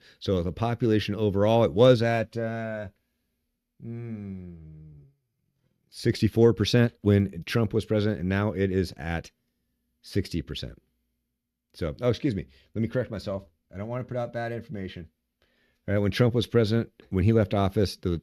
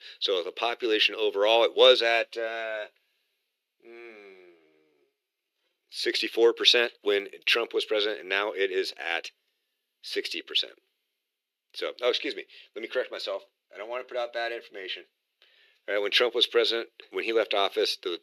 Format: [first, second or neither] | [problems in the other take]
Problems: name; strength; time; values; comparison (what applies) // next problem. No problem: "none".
first | thin; very; fading below 350 Hz